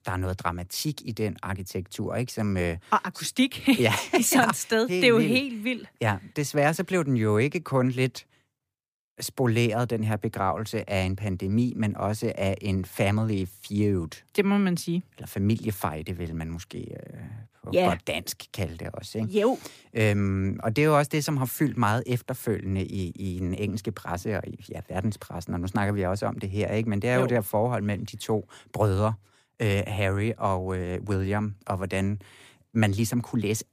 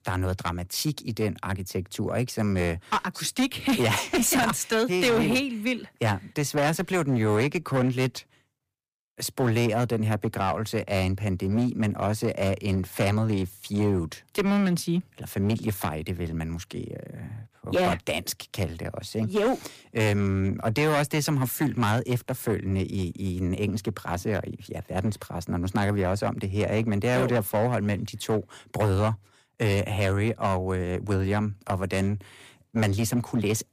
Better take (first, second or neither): first